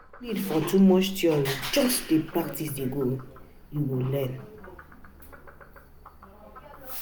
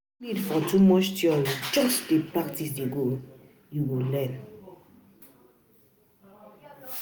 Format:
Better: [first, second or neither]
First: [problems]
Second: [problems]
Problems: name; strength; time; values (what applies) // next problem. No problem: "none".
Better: second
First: background sound (Frog); 18 dB below the speech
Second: none